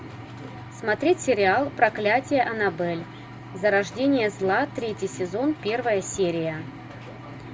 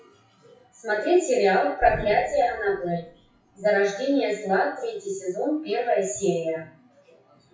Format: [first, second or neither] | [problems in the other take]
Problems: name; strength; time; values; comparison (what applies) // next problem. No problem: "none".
first | noise reduction (classical method WPE with log-MMSE)